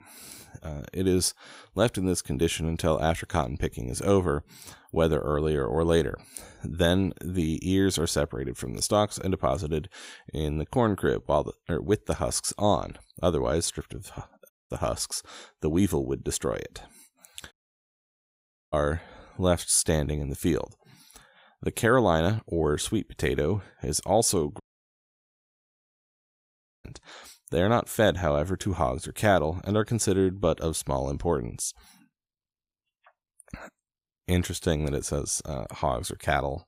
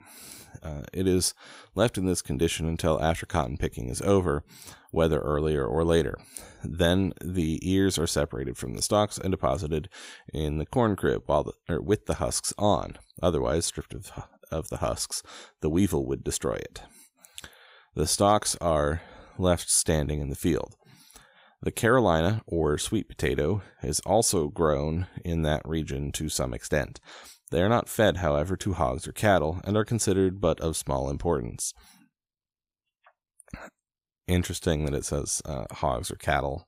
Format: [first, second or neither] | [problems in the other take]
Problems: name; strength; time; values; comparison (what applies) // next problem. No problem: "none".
second | audio cutting out; at 15 s, at 18 s for 1 s and at 25 s for 2 s